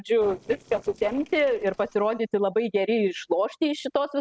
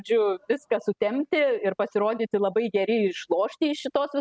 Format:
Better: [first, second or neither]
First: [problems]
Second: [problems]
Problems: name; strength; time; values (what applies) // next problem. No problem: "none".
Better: second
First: noise reduction (neural separator model SepFormer DNS4)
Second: none